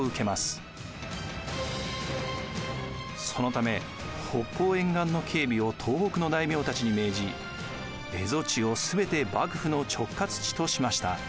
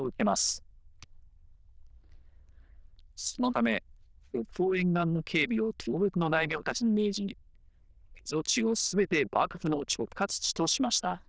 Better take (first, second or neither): first